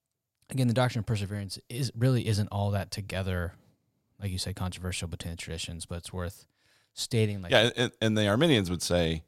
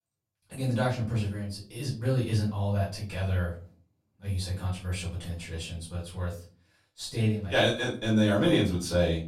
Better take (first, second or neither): first